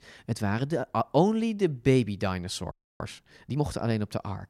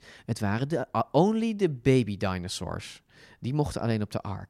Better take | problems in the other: second | audio freezing; at 2.5 s

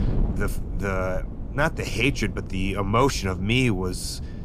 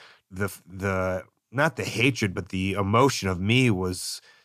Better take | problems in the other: second | wind noise on the microphone; occasional gusts; 15 dB below the speech

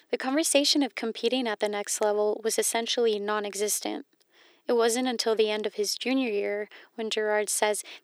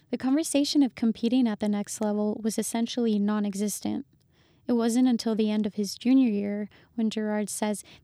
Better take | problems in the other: second | thin; somewhat; fading below 400 Hz

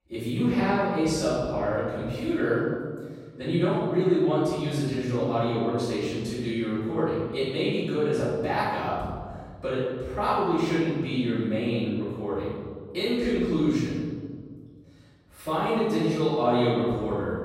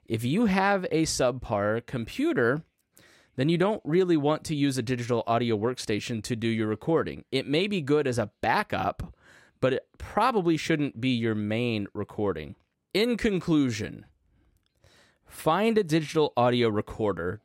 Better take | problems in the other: second | off-mic speech; far // room echo; strong; dies away in 1.7 s

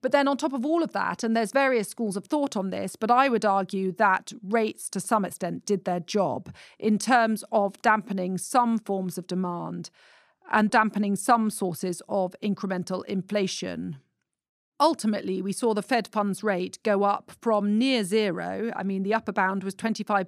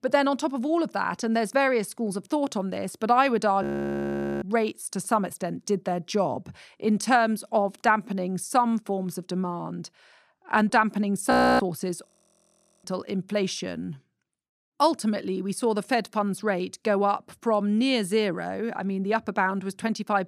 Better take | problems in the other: first | audio freezing; at 3.5 s for 1 s, at 11 s and at 12 s for 1 s

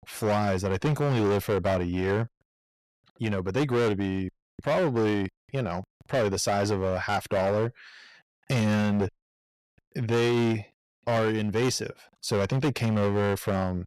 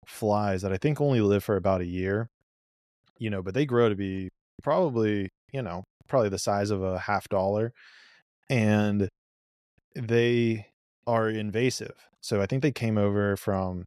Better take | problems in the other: second | distortion; heavy; 15% of the sound clipped

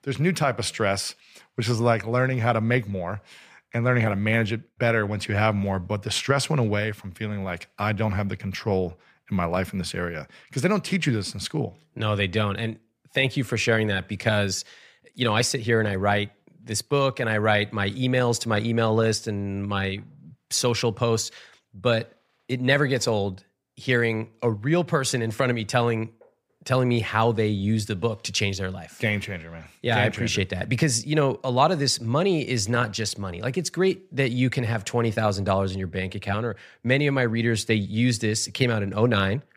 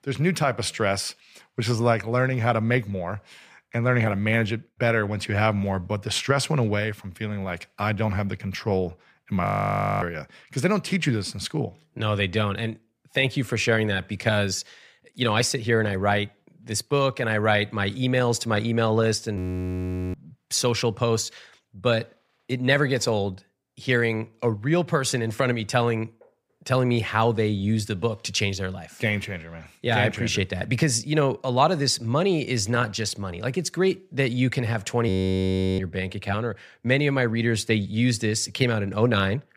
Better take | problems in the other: first | audio freezing; at 9.5 s for 0.5 s, at 19 s for 1 s and at 35 s for 0.5 s

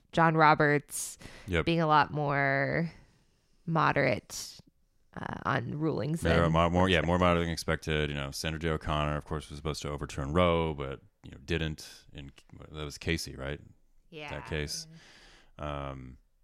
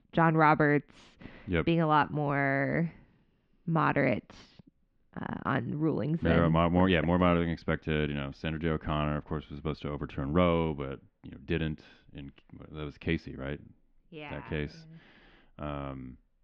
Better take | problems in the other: first | muffled; very; fading above 3.5 kHz

